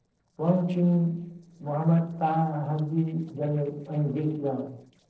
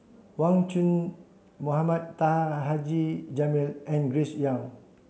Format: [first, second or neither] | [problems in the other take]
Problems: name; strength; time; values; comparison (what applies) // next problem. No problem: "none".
second | noise reduction (neural separator model SepFormer DNS4)